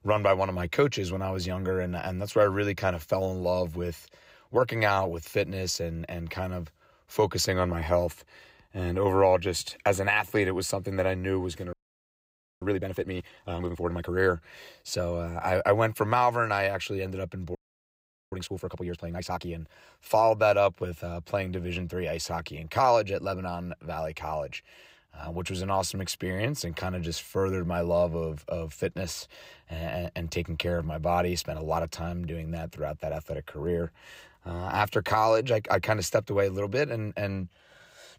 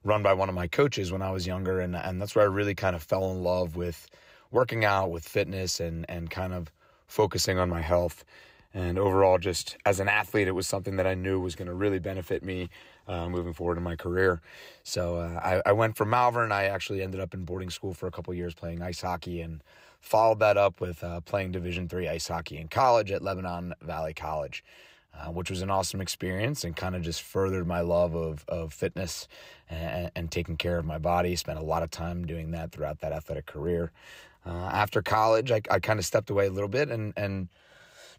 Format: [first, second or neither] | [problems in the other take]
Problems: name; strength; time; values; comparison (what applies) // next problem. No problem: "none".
second | audio freezing; at 12 s for 1 s and at 18 s for 1 s